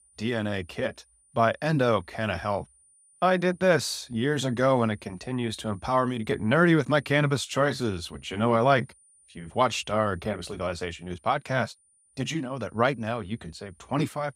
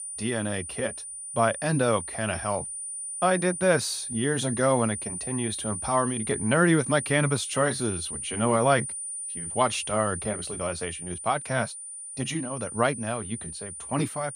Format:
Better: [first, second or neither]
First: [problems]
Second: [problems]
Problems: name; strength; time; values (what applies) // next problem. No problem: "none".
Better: first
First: high-pitched whine; faint; throughout; 9.5 kHz, 30 dB below the speech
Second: high-pitched whine; loud; throughout; 9.5 kHz, 6 dB below the speech